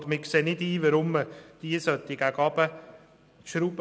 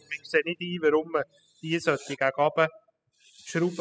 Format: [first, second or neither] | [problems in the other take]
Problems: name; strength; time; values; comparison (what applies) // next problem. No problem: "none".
first | noise reduction (classical method spectral subtraction)